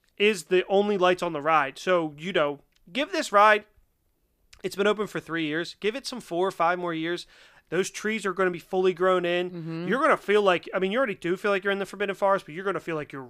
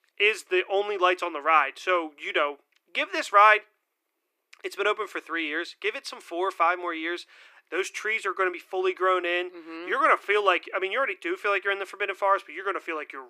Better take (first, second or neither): first